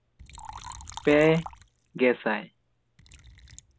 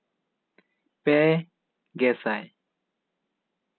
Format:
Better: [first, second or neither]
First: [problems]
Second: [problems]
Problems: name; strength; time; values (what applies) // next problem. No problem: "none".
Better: second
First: background sound (Liquid); 17 dB below the speech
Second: none